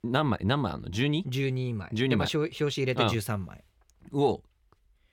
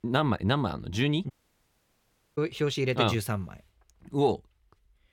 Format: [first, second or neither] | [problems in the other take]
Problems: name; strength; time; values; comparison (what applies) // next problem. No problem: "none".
first | audio cutting out; at 1.5 s for 1 s